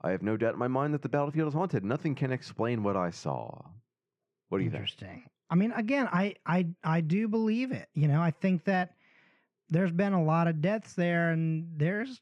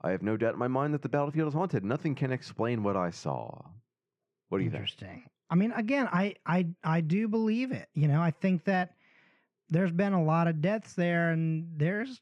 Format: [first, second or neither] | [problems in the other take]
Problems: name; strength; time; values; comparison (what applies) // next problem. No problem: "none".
neither | muffled; slightly; fading above 3 kHz; the same in both